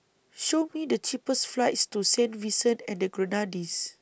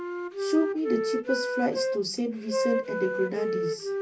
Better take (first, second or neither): first